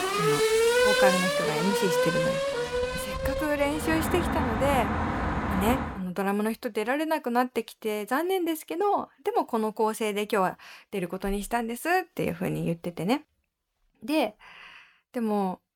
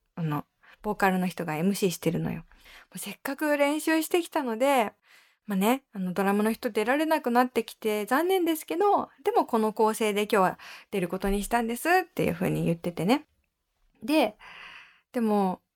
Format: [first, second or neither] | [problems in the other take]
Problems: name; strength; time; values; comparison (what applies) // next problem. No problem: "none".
second | traffic noise; very loud; until 6 s; 2 dB above the speech